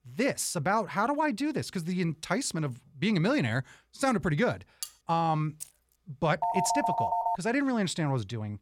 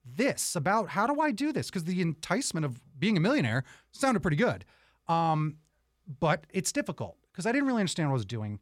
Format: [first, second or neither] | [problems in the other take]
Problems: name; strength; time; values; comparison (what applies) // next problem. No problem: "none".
second | clattering dishes; faint; at 5 s; peak 10 dB below the speech // jangling keys; faint; at 5.5 s; peak 15 dB below the speech // phone ringing; loud; at 6.5 s; peak 1 dB above the speech